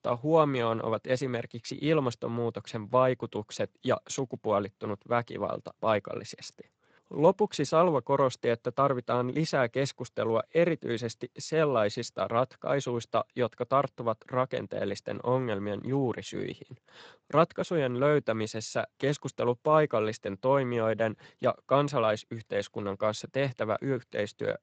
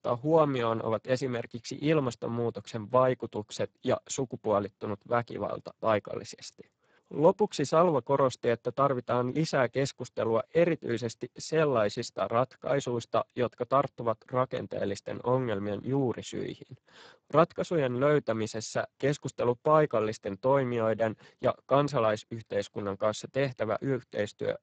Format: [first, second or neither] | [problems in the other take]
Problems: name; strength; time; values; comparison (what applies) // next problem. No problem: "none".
first | garbled, watery; badly; nothing above 7.5 kHz; slightly in the first